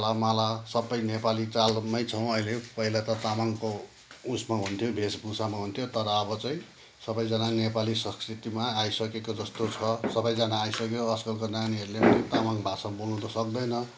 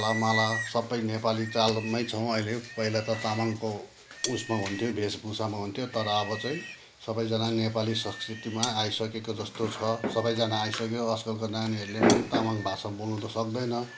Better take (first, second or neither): first